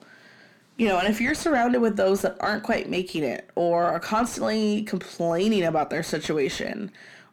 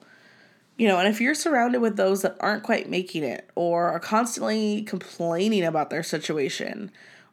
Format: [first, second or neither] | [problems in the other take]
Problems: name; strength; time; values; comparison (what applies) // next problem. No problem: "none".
second | distortion; slight; 10 dB below the speech